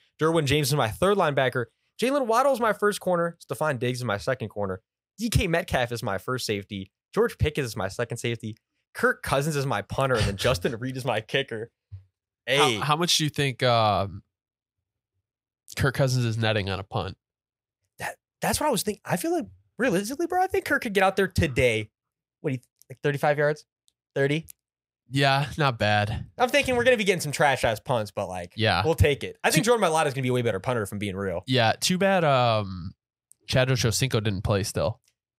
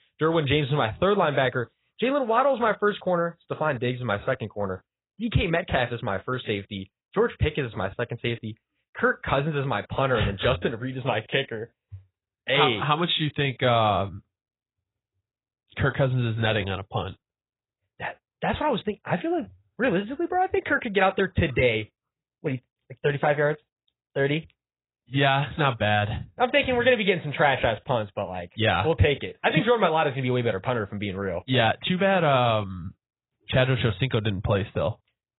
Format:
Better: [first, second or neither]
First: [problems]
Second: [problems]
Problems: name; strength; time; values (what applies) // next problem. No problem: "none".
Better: first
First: none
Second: garbled, watery; badly; nothing above 4 kHz